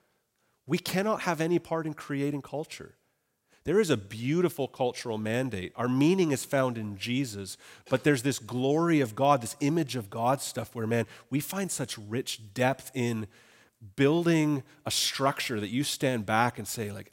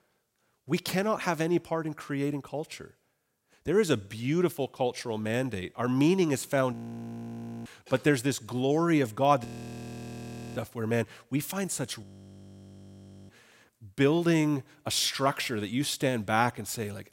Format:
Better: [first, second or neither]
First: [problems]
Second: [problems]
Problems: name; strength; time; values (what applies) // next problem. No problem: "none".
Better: first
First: none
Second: audio freezing; at 6.5 s for 1 s, at 9.5 s for 1 s and at 12 s for 1.5 s